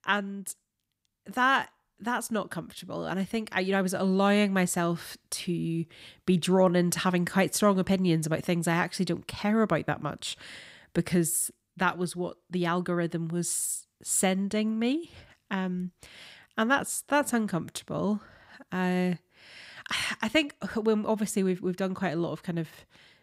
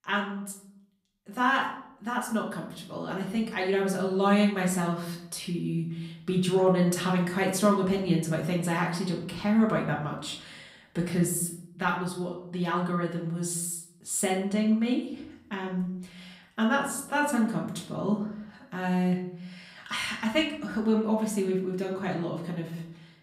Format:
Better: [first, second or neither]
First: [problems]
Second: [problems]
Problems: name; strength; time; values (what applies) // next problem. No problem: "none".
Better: first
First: none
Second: room echo; slight; dies away in 0.6 s // off-mic speech; far